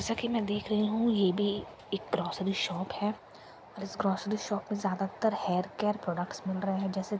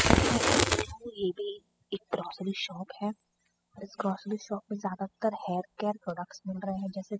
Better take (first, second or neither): first